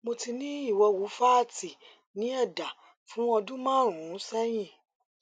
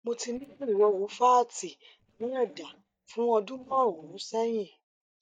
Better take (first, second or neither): first